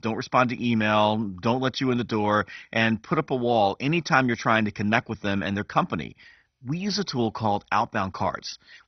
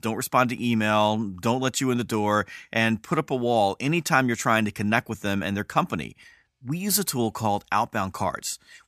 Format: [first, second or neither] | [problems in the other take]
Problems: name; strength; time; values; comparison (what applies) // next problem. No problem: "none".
second | garbled, watery; badly; nothing above 6 kHz